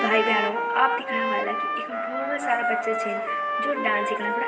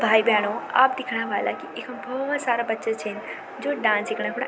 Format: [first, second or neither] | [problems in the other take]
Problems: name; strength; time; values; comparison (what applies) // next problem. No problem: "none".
second | background sound (Trumpet); 1 dB above the speech // room echo; dies away in 1.1 s